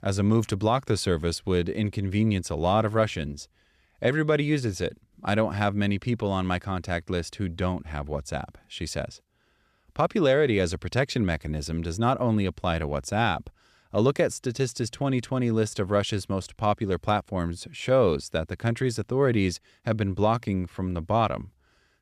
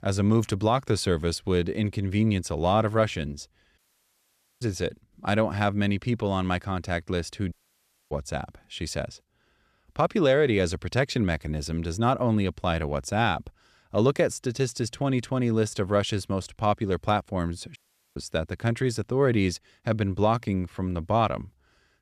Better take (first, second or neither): first